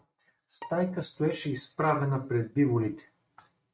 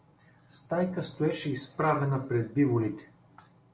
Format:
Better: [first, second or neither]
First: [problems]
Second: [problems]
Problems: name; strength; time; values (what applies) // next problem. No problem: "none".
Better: second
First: noise reduction (neural mask model RNNoise)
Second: none